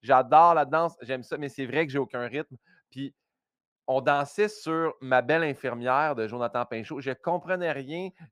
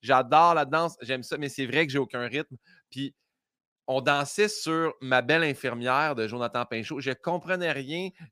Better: second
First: muffled; slightly; fading above 2.5 kHz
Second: none

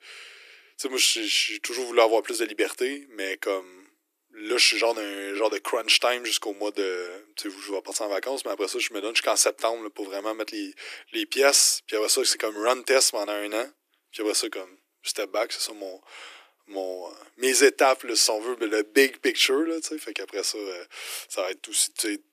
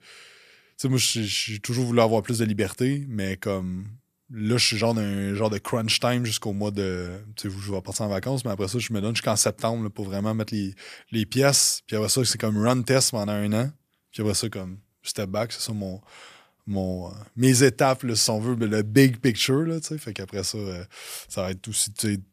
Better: second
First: thin; very; fading below 300 Hz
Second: none

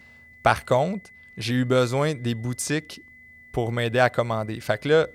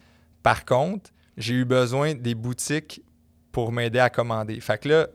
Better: second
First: high-pitched whine; faint; throughout; 2 kHz, 25 dB below the speech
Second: none

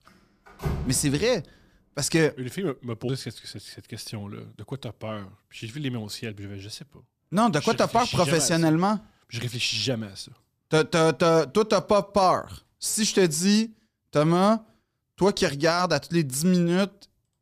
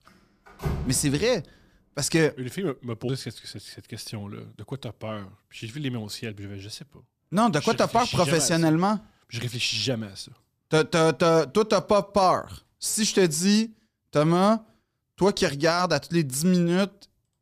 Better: neither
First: door banging; noticeable; at 0.5 s; peak 7 dB below the speech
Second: door banging; noticeable; at 0.5 s; peak 7 dB below the speech

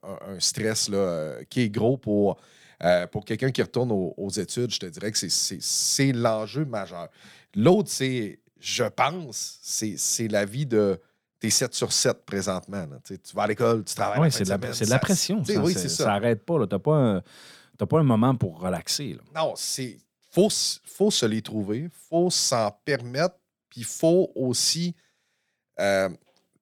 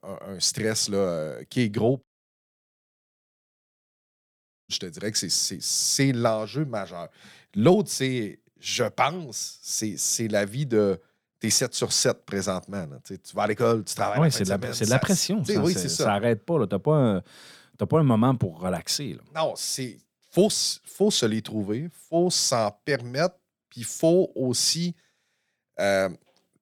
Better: first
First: none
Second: audio cutting out; at 2 s for 2.5 s

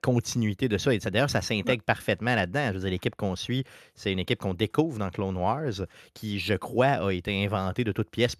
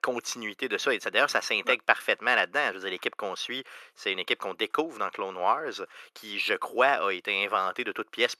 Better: first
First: none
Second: thin; very; fading below 400 Hz

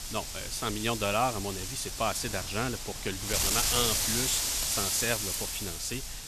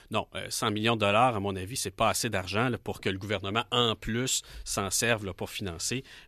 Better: second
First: wind noise on the microphone; heavy; 1 dB above the speech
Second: none

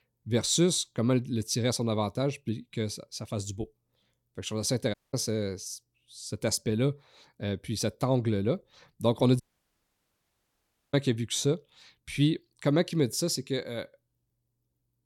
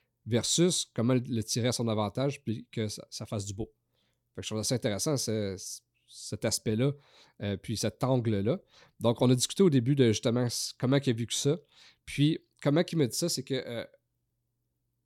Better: second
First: audio cutting out; at 5 s and at 9.5 s for 1.5 s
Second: none

